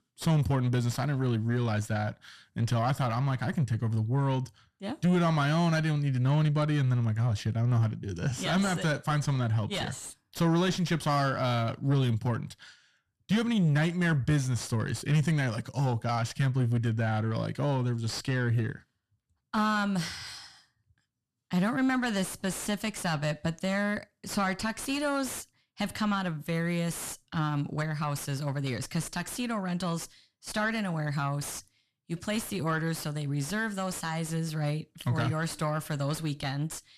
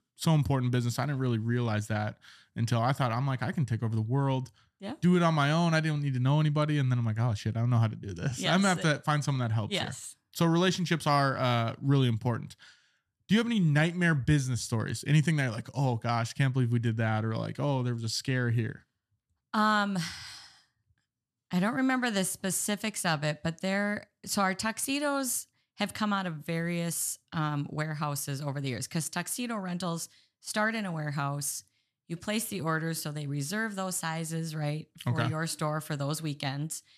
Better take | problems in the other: second | distortion; slight; 10 dB below the speech

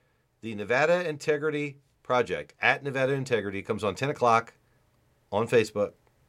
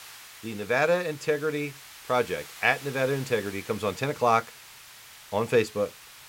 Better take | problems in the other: first | hiss; noticeable; throughout; 15 dB below the speech

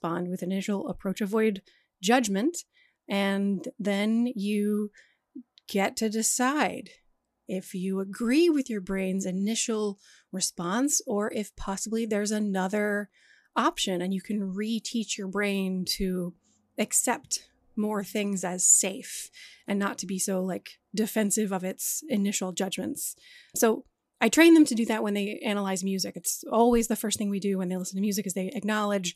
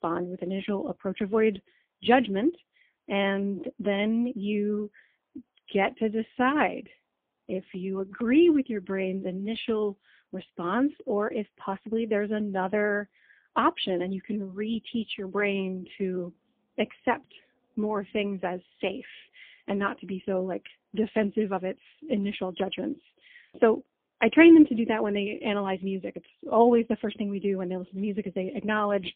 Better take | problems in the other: first | phone-call audio; poor line; nothing above 3 kHz

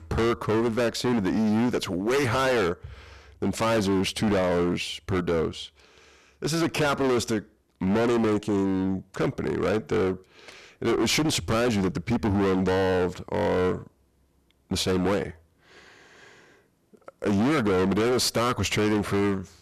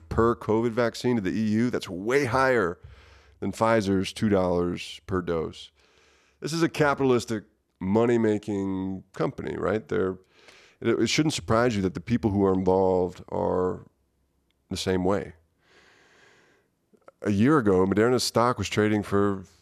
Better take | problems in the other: second | distortion; heavy; 24% of the sound clipped

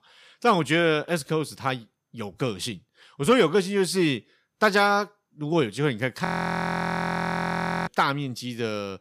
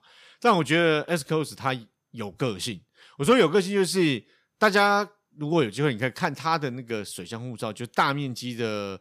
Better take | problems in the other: second | audio freezing; at 6.5 s for 1.5 s

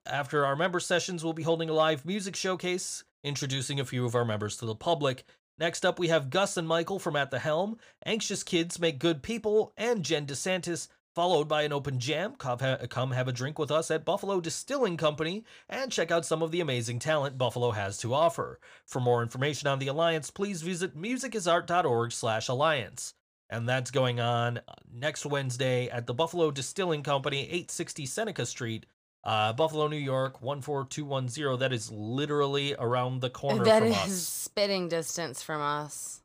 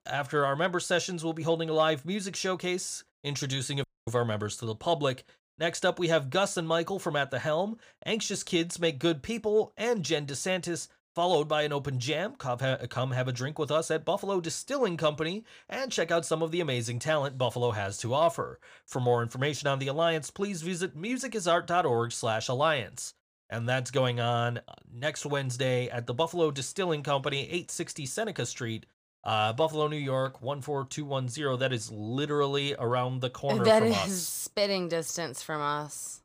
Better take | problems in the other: first | audio cutting out; at 4 s

